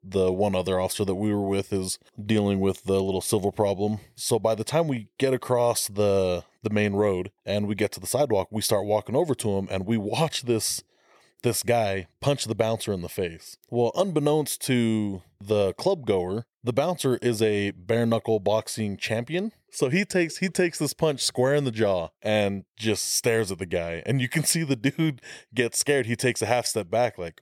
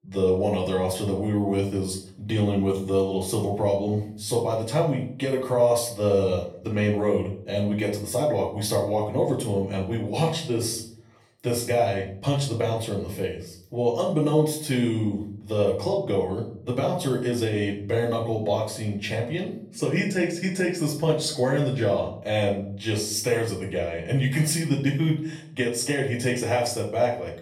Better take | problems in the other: first | off-mic speech; far // room echo; slight; dies away in 0.5 s

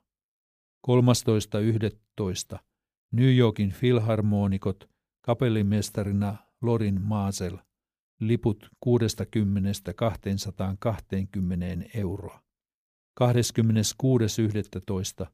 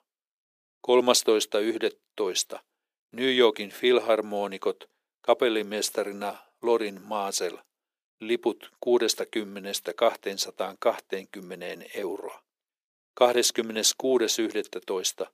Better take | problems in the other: first | thin; very; fading below 350 Hz

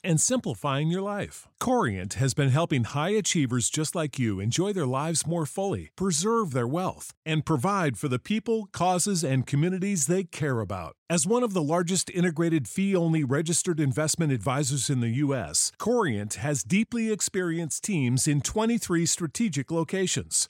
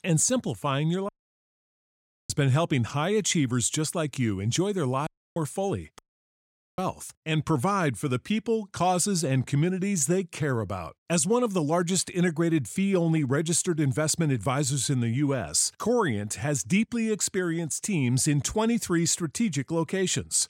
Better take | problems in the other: first | audio cutting out; at 1 s for 1 s, at 5 s and at 6 s for 1 s

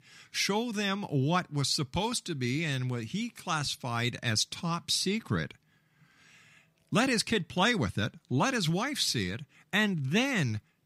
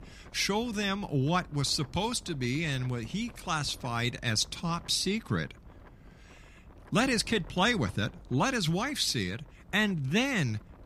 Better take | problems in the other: first | wind noise on the microphone; occasional gusts; 25 dB below the speech

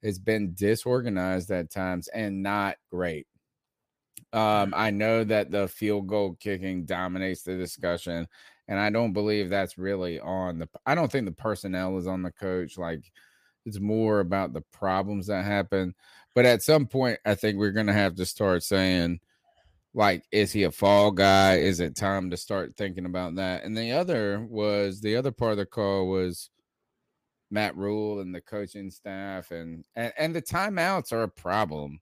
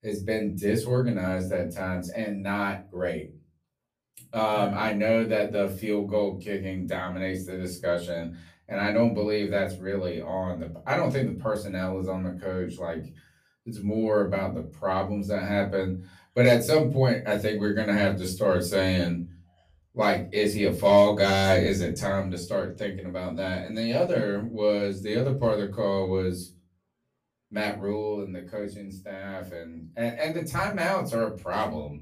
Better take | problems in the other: first | room echo; slight; dies away in 0.3 s // off-mic speech; far

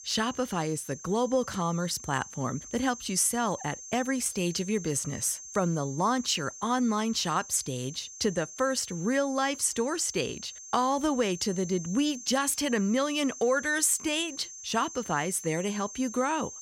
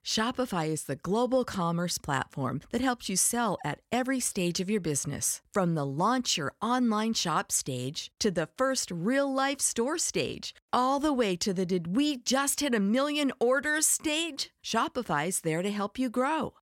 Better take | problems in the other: second | high-pitched whine; noticeable; throughout; 6.5 kHz, 15 dB below the speech

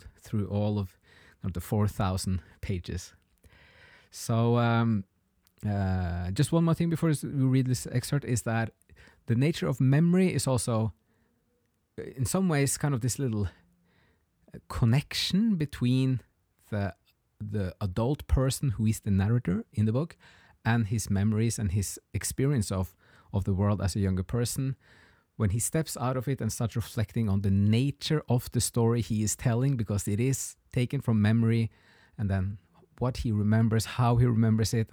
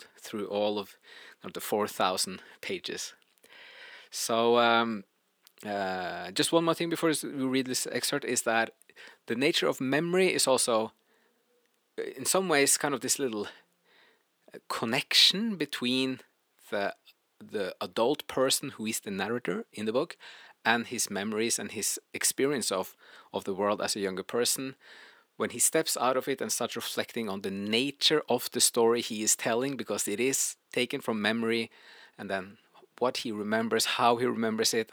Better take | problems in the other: first | thin; very; fading below 350 Hz

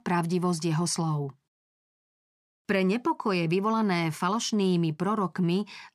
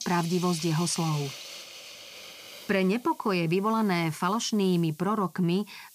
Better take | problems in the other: first | hiss; noticeable; throughout; 15 dB below the speech

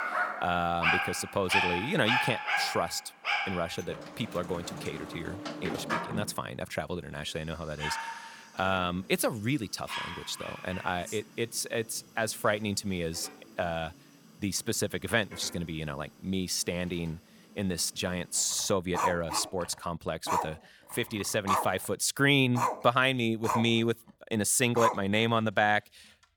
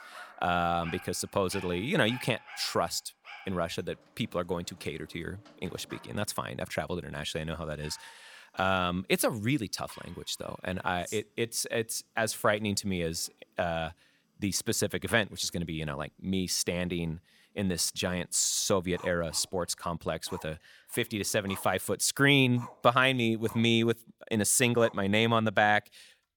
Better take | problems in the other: second | animal sounds; loud; throughout; 2 dB below the speech; faint in the second

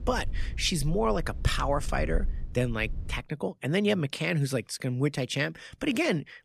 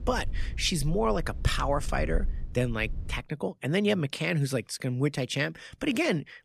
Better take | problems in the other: neither | low rumble; faint; until 3 s; 25 dB below the speech; the same in both

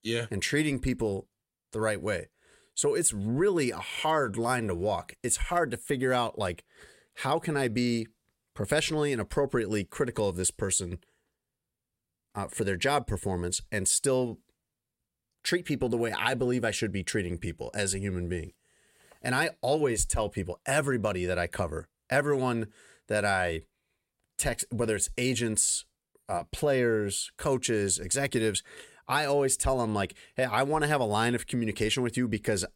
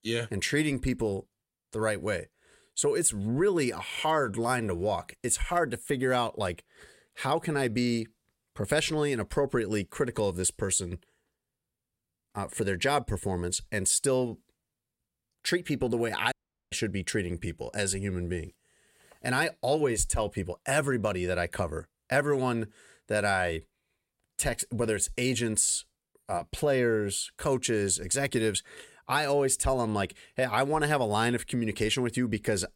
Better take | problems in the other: first | audio cutting out; at 16 s

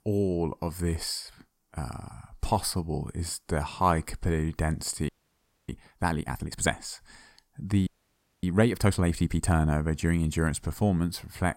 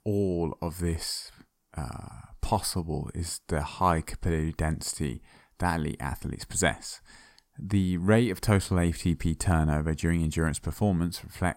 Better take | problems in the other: second | audio freezing; at 5 s for 0.5 s and at 8 s for 0.5 s

